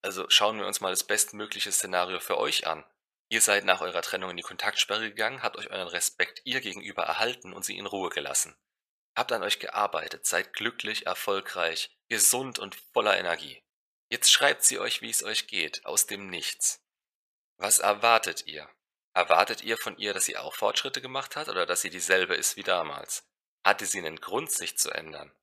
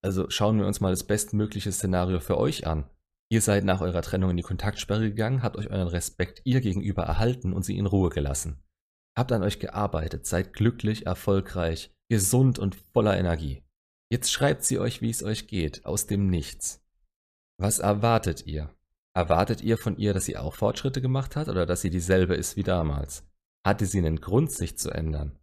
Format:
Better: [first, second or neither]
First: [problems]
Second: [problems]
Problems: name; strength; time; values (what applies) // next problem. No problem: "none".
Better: second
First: thin; very; fading below 800 Hz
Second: none